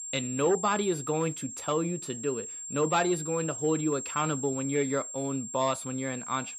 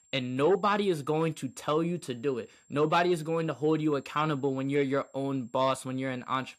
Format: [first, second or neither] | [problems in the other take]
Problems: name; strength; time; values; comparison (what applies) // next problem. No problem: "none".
second | high-pitched whine; loud; throughout; 7.5 kHz, 6 dB below the speech; faint in the second